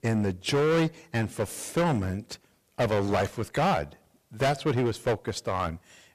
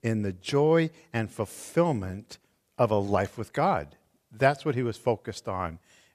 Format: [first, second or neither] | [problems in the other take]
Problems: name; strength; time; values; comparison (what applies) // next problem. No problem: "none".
second | distortion; heavy; 13% of the sound clipped